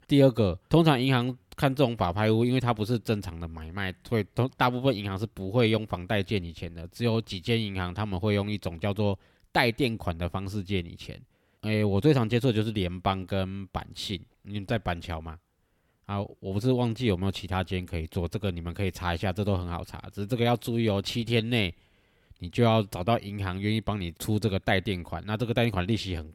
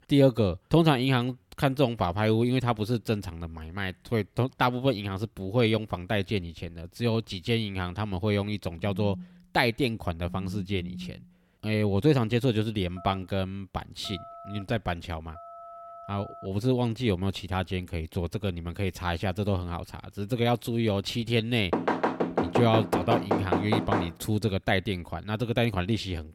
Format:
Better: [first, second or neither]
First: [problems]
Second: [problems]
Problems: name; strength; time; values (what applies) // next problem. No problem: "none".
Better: first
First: none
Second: phone ringing; faint; from 9 to 11 s and from 13 to 16 s; peak 10 dB below the speech // door banging; loud; from 22 to 24 s; peak 1 dB above the speech